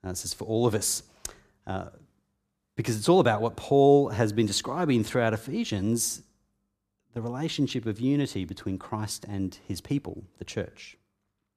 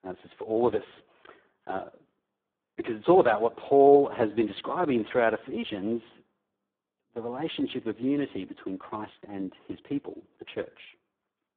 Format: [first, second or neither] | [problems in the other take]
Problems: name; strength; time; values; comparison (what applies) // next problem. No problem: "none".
first | phone-call audio; poor line